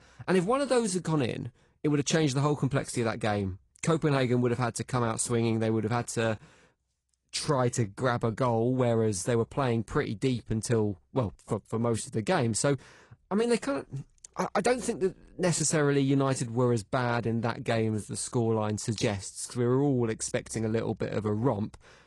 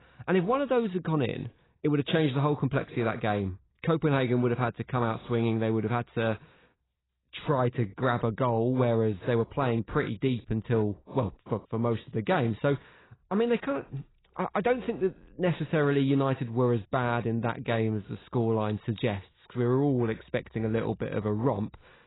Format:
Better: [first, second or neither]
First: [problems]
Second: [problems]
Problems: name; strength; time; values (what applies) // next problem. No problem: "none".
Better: first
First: garbled, watery; slightly; nothing above 10 kHz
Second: garbled, watery; badly; nothing above 4 kHz